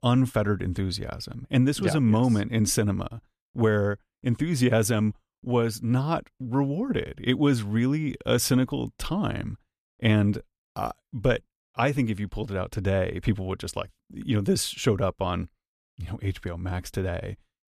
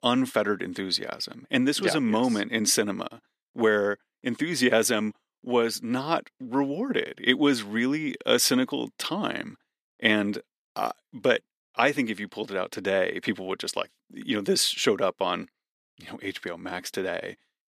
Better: first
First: none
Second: thin; very slightly; fading below 250 Hz

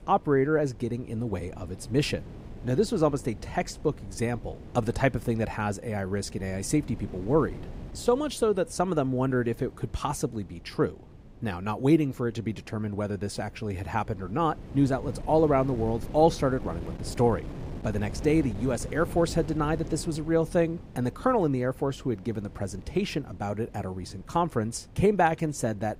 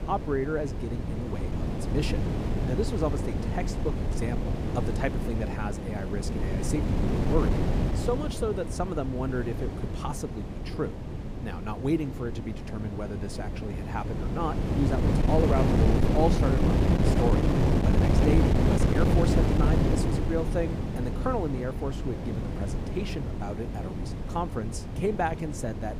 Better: first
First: wind noise on the microphone; occasional gusts; 20 dB below the speech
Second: wind noise on the microphone; heavy; 1 dB below the speech

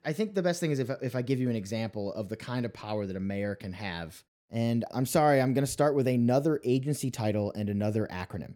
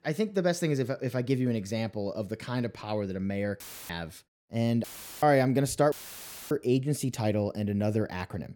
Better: first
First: none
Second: audio cutting out; filled with static; at 3.5 s, at 5 s and at 6 s for 0.5 s

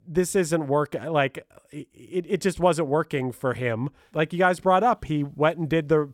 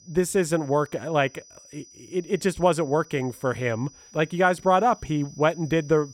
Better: first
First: none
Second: high-pitched whine; faint; throughout; 6 kHz, 25 dB below the speech

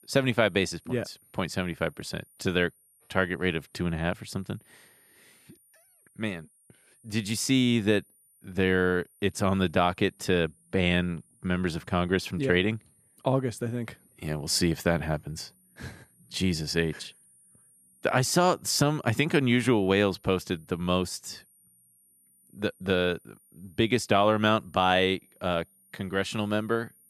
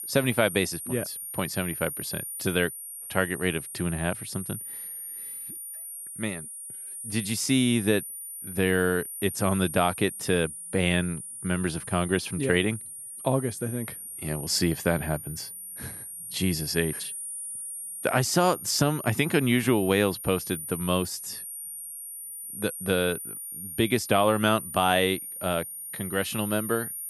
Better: first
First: high-pitched whine; faint; throughout; 9.5 kHz, 30 dB below the speech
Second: high-pitched whine; loud; throughout; 9.5 kHz, 8 dB below the speech

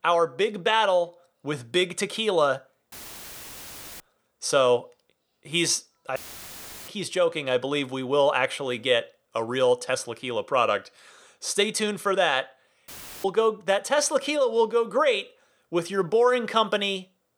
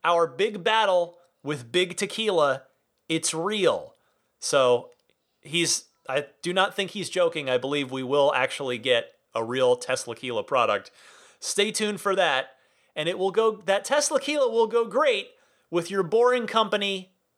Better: second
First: audio cutting out; filled with static; at 3 s for 1 s, at 6 s for 0.5 s and at 13 s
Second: none

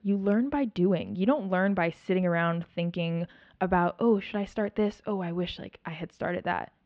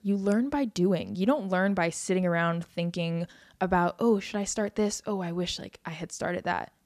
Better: second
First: muffled; very; fading above 3 kHz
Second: none

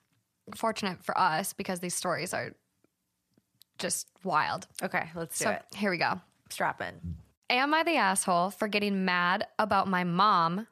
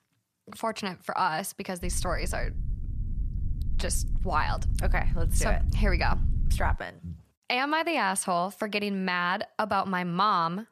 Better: first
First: none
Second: low rumble; faint; from 2 to 7 s; 20 dB below the speech

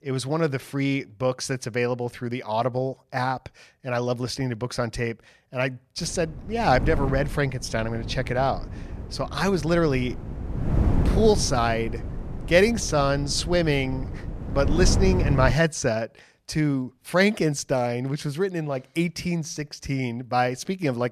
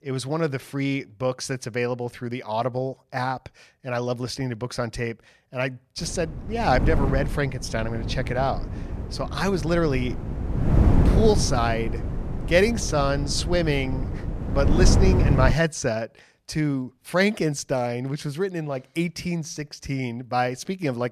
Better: first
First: wind noise on the microphone; occasional gusts; from 6 to 16 s; 10 dB below the speech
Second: wind noise on the microphone; heavy; from 6 to 16 s; 8 dB below the speech

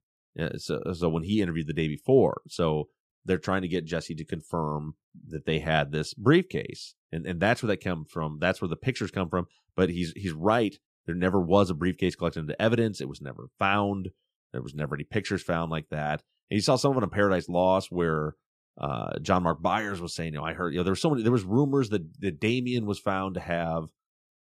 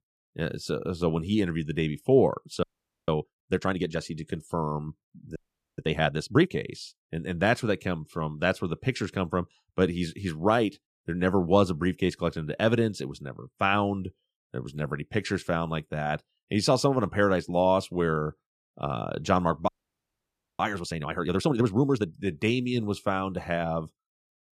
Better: first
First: none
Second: audio freezing; at 2.5 s, at 5.5 s and at 20 s for 1 s

